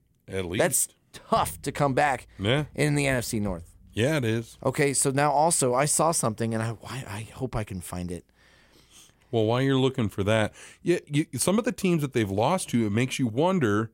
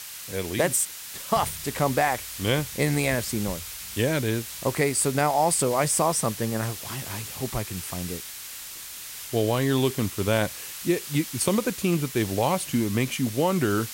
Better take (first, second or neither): first